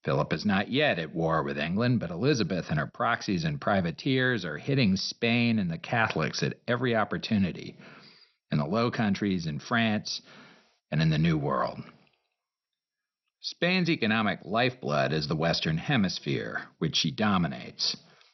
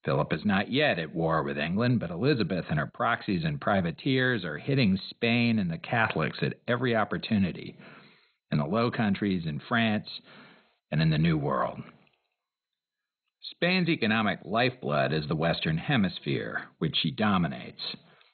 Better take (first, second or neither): first